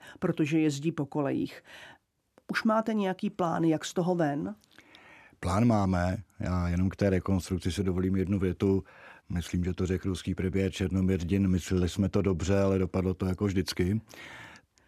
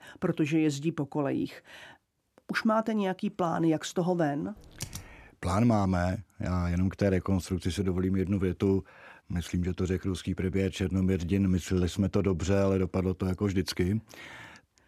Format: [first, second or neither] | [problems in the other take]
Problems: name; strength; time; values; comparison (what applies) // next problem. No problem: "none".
first | keyboard typing; faint; at 4.5 s; peak 10 dB below the speech